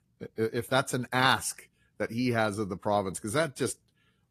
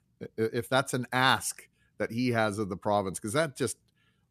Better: second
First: garbled, watery; slightly; nothing above 14.5 kHz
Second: none

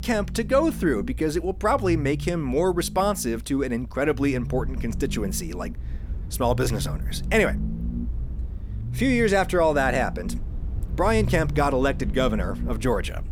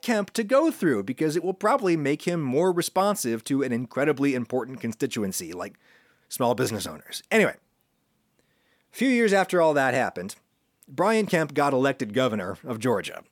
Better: second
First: low rumble; noticeable; throughout; 20 dB below the speech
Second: none

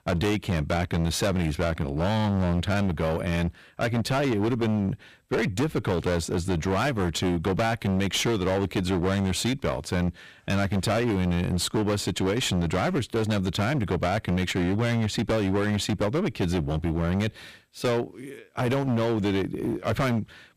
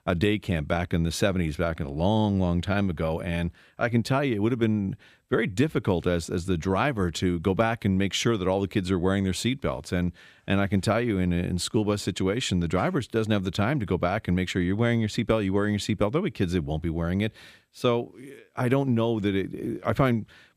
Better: second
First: distortion; heavy; 26% of the sound clipped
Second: none

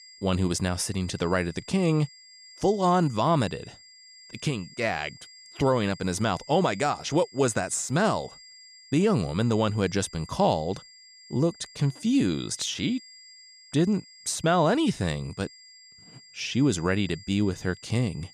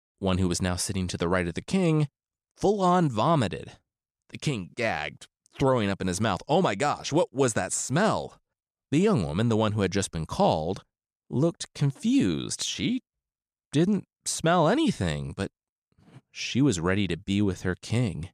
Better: second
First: high-pitched whine; faint; throughout; 5 kHz, 20 dB below the speech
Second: none

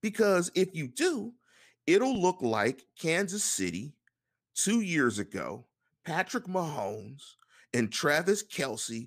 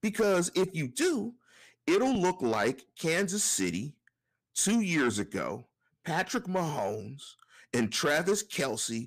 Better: first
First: none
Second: distortion; slight; 10 dB below the speech

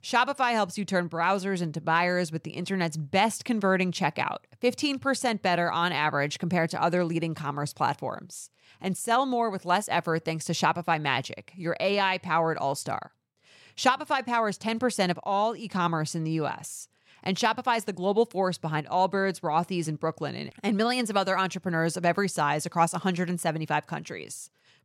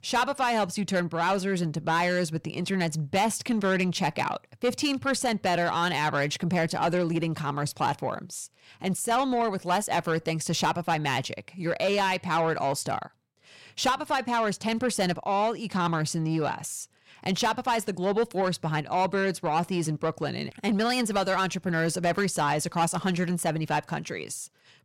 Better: first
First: none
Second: distortion; slight; 10 dB below the speech

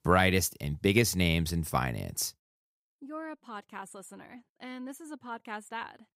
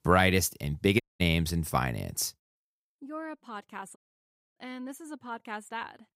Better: first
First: none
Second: audio cutting out; at 1 s and at 4 s for 0.5 s

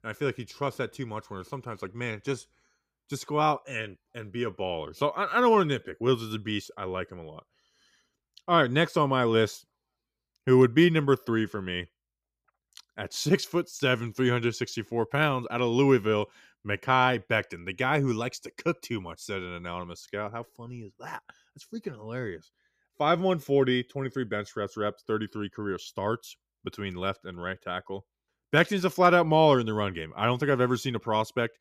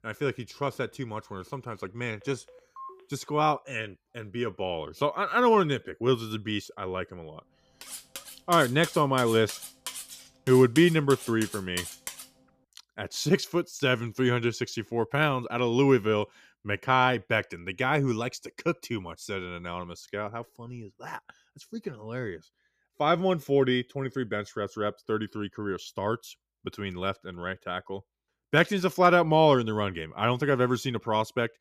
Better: first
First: none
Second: phone ringing; faint; at 2 s; peak 15 dB below the speech // clattering dishes; noticeable; from 8 to 12 s; peak 8 dB below the speech

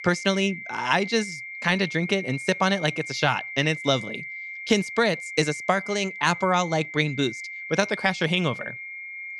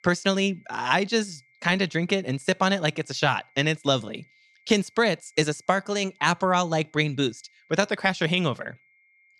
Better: second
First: high-pitched whine; loud; throughout; 2 kHz, 10 dB below the speech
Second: high-pitched whine; faint; throughout; 2 kHz, 35 dB below the speech

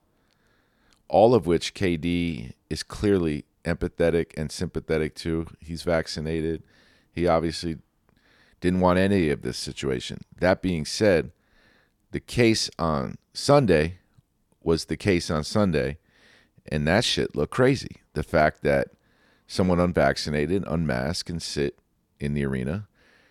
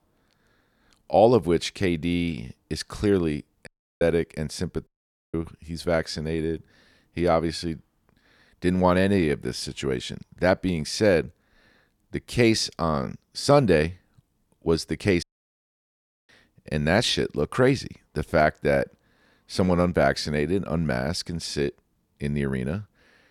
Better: first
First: none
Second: audio cutting out; at 3.5 s, at 5 s and at 15 s for 1 s

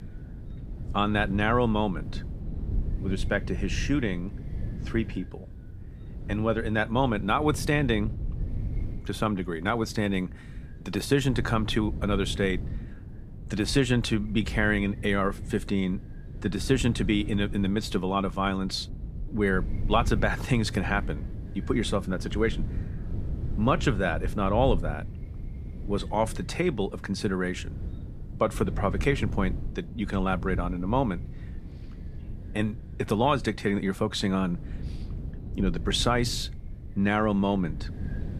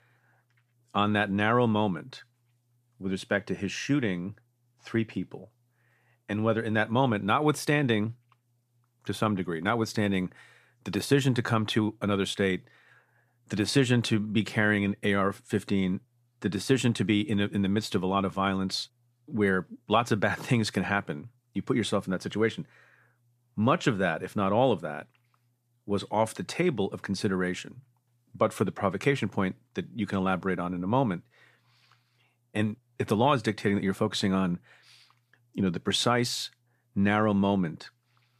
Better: second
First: wind noise on the microphone; occasional gusts; 20 dB below the speech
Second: none

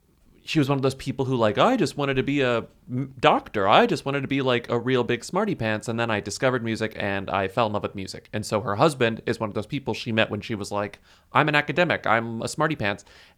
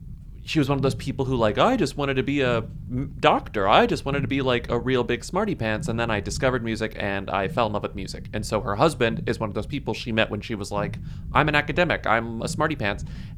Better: first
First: none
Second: low rumble; faint; throughout; 25 dB below the speech

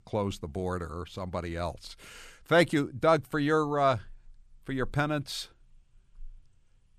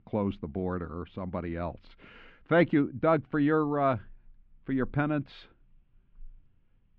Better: first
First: none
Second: muffled; very; fading above 3 kHz

